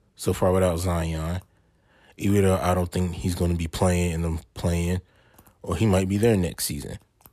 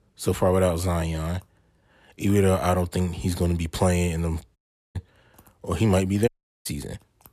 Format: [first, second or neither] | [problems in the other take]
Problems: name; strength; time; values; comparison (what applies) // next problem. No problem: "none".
first | audio cutting out; at 4.5 s and at 6.5 s